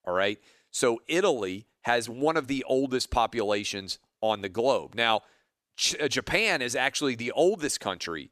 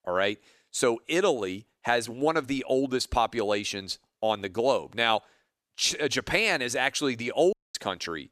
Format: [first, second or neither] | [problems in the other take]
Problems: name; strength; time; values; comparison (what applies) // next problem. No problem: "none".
first | audio cutting out; at 7.5 s